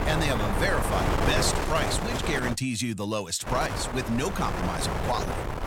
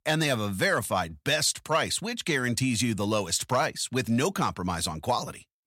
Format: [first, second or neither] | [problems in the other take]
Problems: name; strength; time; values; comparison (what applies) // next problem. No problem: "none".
second | wind noise on the microphone; heavy; until 2.5 s and from 3.5 s on; 1 dB below the speech